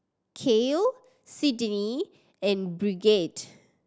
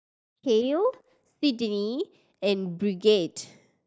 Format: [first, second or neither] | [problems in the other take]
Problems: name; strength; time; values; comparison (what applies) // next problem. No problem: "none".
first | noise reduction (neural mask model DeepFilterNet 3)